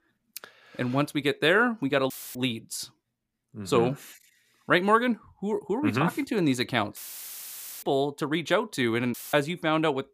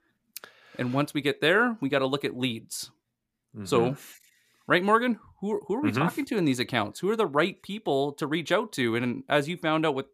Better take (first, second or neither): second